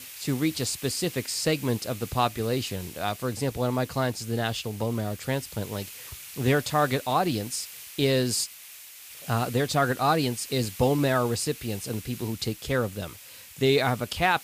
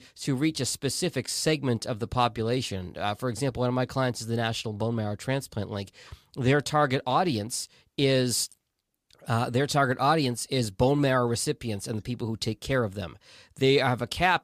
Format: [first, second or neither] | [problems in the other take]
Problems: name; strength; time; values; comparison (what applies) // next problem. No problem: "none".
second | hiss; noticeable; throughout; 15 dB below the speech